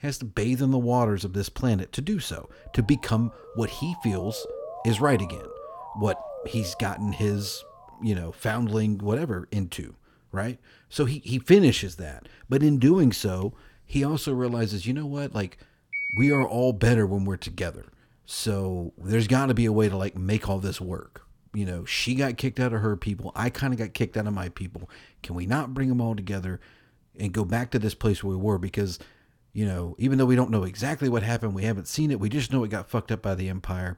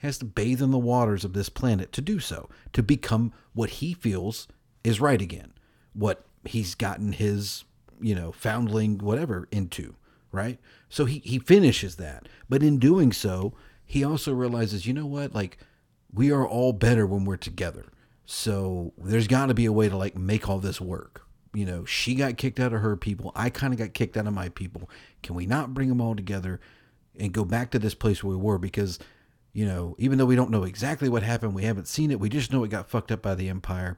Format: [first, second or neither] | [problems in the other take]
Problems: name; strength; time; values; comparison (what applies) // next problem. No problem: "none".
second | siren; faint; from 2.5 to 8 s; peak 10 dB below the speech // phone ringing; noticeable; at 16 s; peak 1 dB below the speech